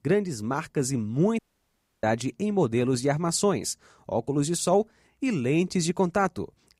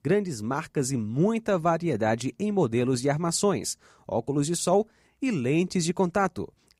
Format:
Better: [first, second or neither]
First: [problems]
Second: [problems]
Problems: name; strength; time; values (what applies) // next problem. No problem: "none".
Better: second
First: audio cutting out; at 1.5 s for 0.5 s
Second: none